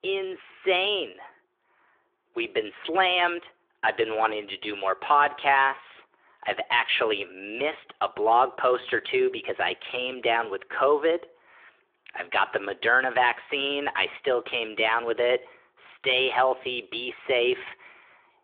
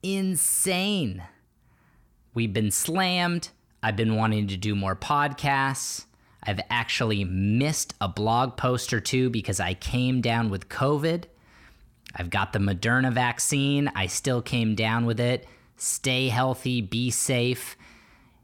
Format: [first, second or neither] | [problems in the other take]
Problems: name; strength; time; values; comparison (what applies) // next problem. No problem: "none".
second | phone-call audio; nothing above 3.5 kHz